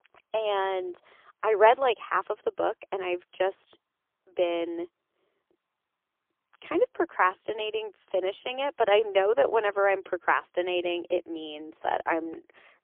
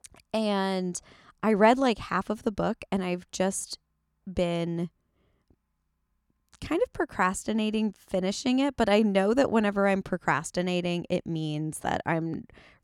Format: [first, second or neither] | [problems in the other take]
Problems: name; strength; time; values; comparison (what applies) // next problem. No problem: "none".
second | phone-call audio; poor line; nothing above 3.5 kHz